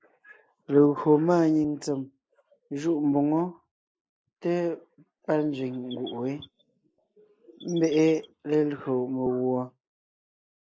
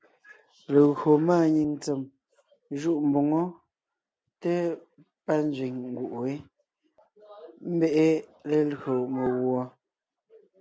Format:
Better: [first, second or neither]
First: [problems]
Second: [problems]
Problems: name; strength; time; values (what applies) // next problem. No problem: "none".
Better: second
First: noise reduction (neural mask model Resemble Enhance denoiser)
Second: none